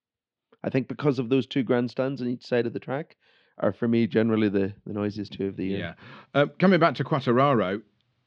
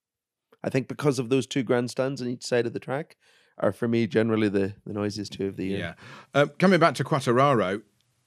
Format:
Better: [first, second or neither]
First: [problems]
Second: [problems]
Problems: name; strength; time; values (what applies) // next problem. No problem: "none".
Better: second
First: muffled; very slightly; fading above 4 kHz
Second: none